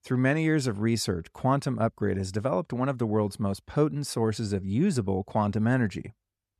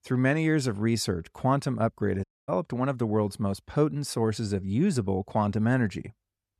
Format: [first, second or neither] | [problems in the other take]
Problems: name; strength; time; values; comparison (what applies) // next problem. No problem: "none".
first | audio cutting out; at 2 s